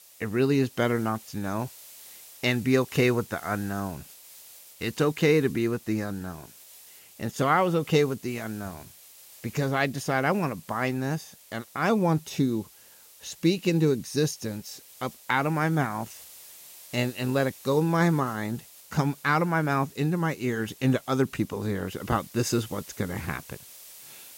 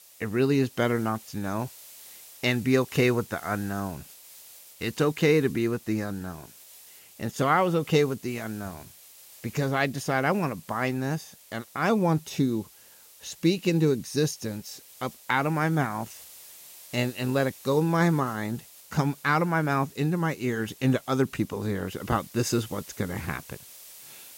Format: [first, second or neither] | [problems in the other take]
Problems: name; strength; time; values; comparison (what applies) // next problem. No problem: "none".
neither | hiss; noticeable; throughout; 20 dB below the speech; the same in both